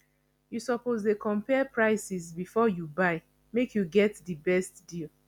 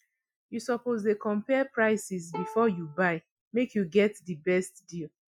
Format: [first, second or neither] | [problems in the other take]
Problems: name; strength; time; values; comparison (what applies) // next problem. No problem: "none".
first | noise reduction (classical method Wiener filter)